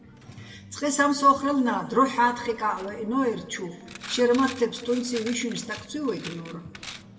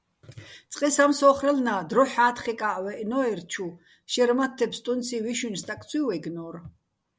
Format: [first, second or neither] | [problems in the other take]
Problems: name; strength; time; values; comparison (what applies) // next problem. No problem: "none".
second | background sound (Coin (dropping)); 17 dB below the speech // room echo; dies away in 1.1 s